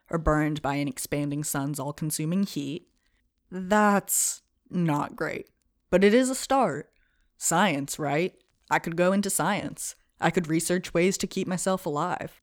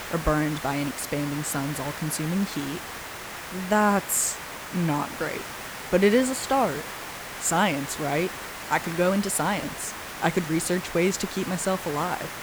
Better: first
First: none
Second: hiss; loud; throughout; 9 dB below the speech

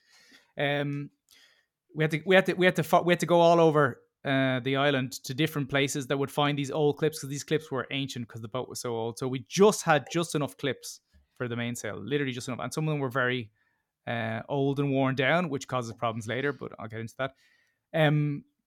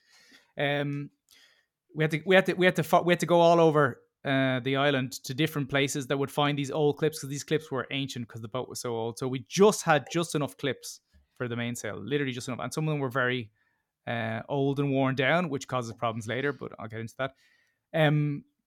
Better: neither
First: none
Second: none

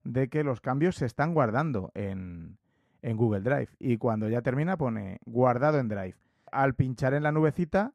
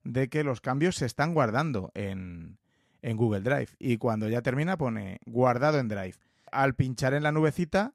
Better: second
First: muffled; slightly; fading above 2.5 kHz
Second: none

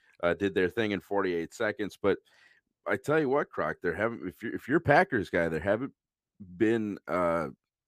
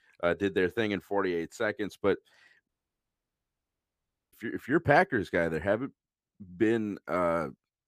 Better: first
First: none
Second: audio cutting out; at 2.5 s for 1.5 s

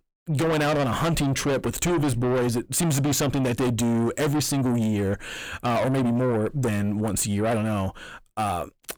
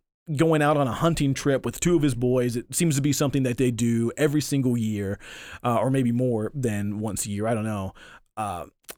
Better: second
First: distortion; heavy; 6 dB below the speech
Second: none

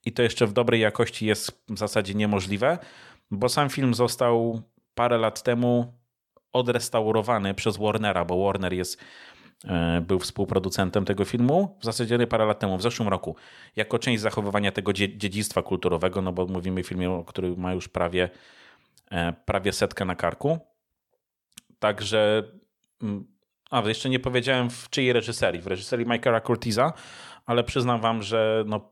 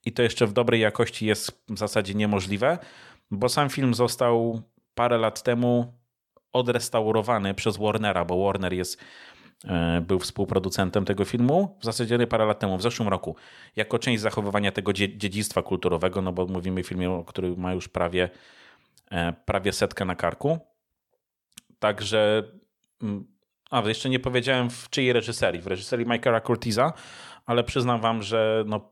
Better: neither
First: none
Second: none

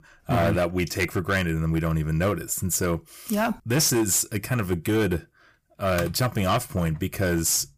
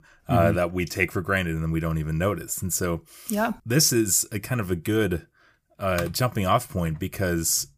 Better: second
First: distortion; slight; 9% of the sound clipped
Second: none

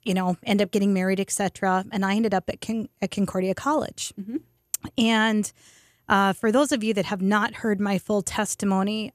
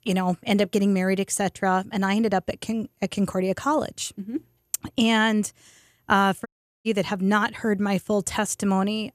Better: first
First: none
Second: audio cutting out; at 6.5 s

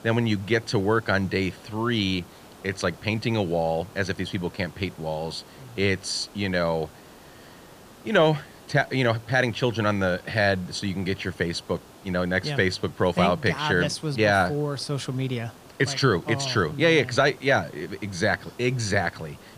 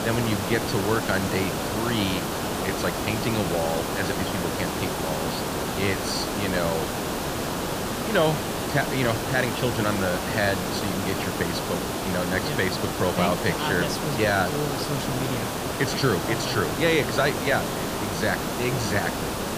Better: first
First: hiss; faint; throughout; 25 dB below the speech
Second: hiss; loud; throughout; 1 dB below the speech

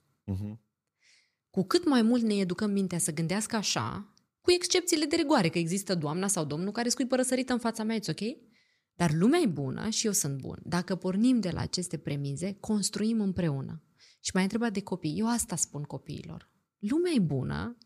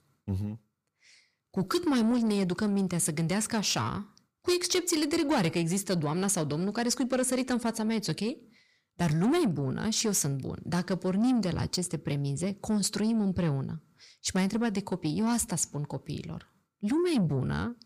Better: first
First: none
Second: distortion; slight; 10 dB below the speech

